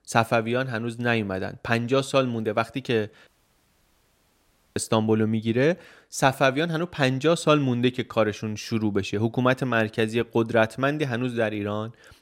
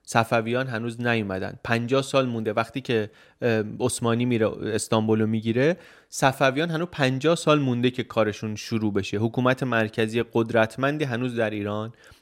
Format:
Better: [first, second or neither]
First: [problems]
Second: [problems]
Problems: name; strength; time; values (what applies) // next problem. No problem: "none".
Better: second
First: audio cutting out; at 3.5 s for 1.5 s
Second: none